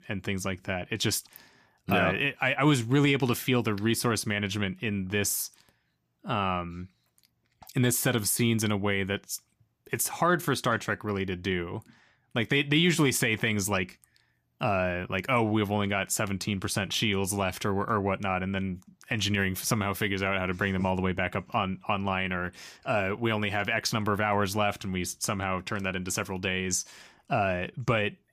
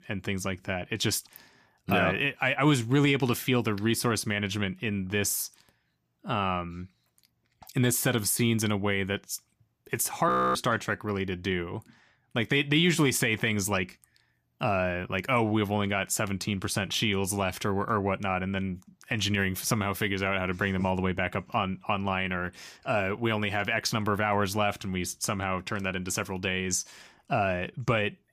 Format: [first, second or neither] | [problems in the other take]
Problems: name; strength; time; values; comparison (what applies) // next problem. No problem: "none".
first | audio freezing; at 10 s